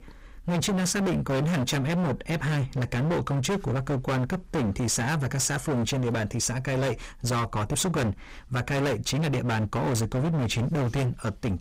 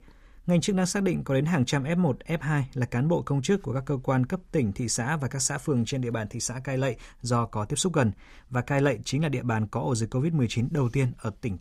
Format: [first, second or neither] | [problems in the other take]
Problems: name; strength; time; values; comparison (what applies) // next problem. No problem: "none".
second | distortion; heavy; 34% of the sound clipped